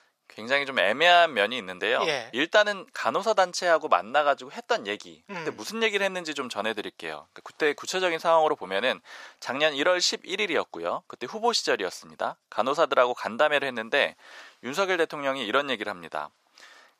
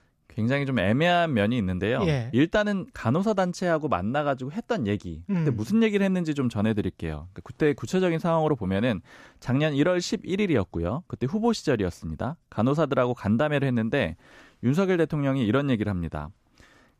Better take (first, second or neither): second